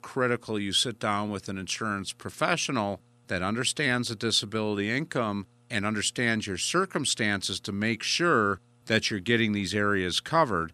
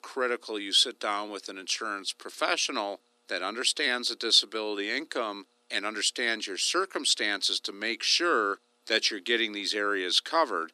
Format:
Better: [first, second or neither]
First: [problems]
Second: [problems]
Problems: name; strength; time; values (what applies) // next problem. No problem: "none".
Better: first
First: none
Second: thin; somewhat; fading below 300 Hz